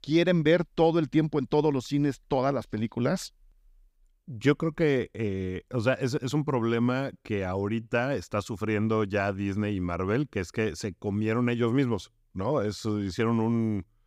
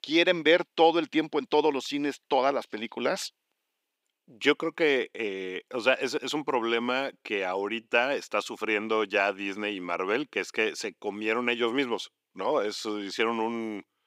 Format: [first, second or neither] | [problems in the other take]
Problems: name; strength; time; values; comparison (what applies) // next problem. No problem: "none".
first | thin; somewhat; fading below 300 Hz